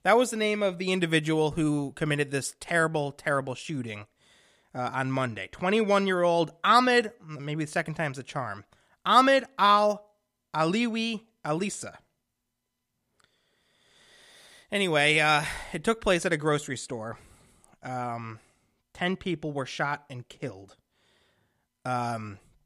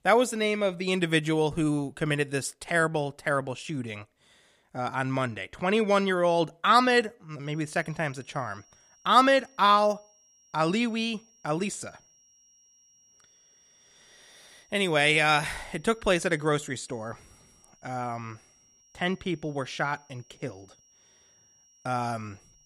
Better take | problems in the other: first | high-pitched whine; faint; from 7.5 s on; 5.5 kHz, 30 dB below the speech

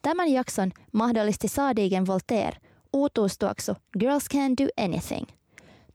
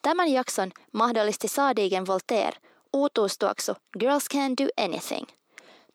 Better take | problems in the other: first | thin; very slightly; fading below 300 Hz

